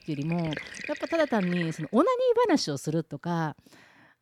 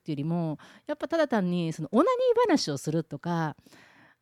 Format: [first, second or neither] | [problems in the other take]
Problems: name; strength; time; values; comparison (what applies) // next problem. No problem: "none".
second | household noises; noticeable; until 1.5 s; 10 dB below the speech